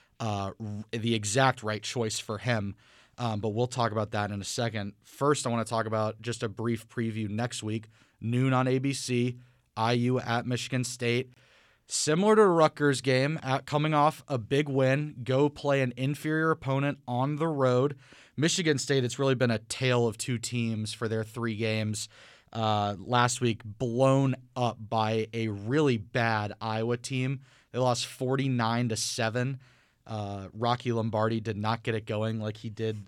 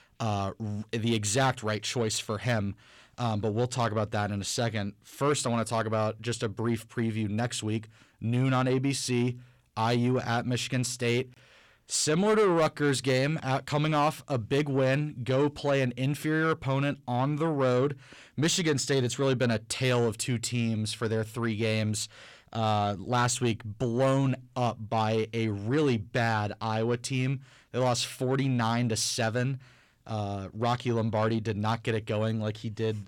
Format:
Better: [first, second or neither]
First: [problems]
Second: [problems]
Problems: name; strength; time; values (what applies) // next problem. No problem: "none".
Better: first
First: none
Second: distortion; slight; 10 dB below the speech